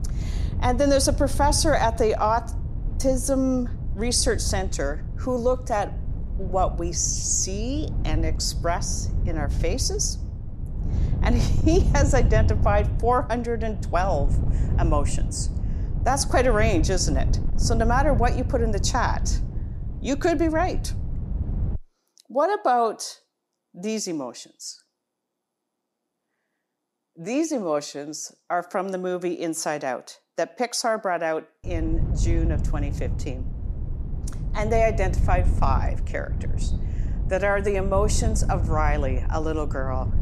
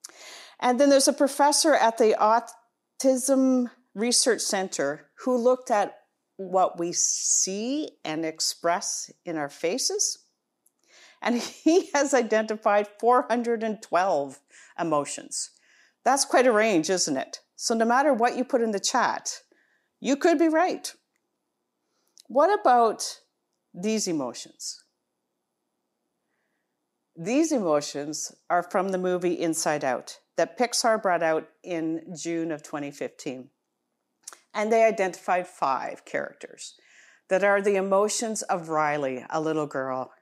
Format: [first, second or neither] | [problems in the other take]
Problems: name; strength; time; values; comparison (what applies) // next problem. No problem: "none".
second | wind noise on the microphone; occasional gusts; until 22 s and from 32 s on; 15 dB below the speech